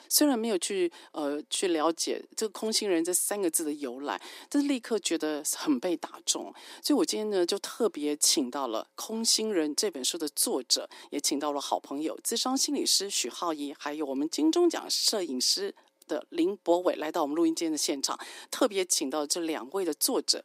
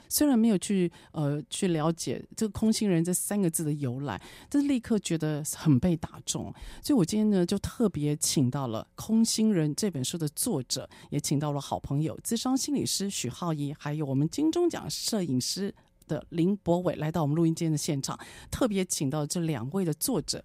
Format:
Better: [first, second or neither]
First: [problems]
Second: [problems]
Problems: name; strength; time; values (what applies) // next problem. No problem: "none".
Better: second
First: thin; somewhat; fading below 300 Hz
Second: none